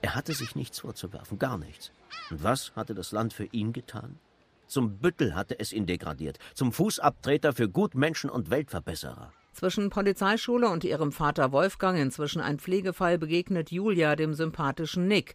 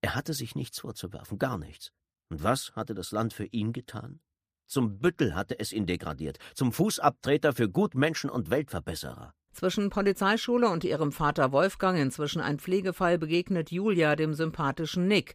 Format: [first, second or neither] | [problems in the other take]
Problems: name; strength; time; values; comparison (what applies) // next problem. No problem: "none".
second | animal sounds; faint; throughout; 20 dB below the speech